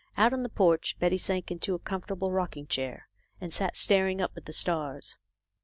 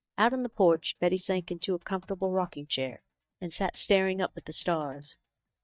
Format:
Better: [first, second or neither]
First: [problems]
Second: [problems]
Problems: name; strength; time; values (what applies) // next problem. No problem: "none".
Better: first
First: none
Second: noise reduction (neural mask model DeepFilterNet 3)